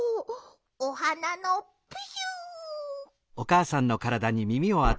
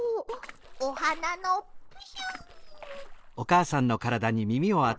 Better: first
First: none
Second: noise reduction (neural separator model SepFormer DNS4)

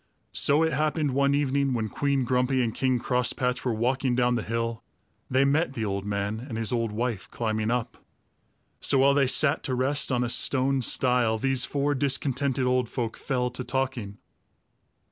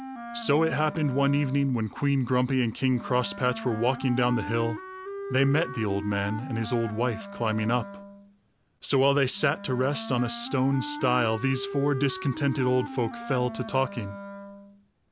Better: first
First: none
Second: background sound (Wind instrument, woodwind instrument); 11 dB below the speech

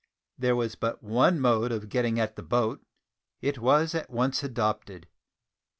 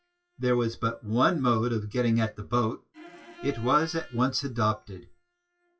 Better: first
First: none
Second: noise reduction (classical method WPE with log-MMSE)

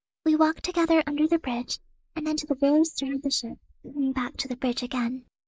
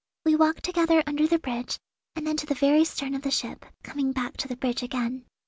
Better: second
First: noise reduction (neural mask model Resemble Enhance denoiser)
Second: none

